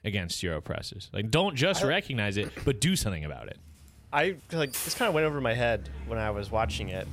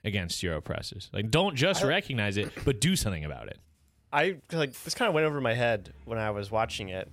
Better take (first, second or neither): second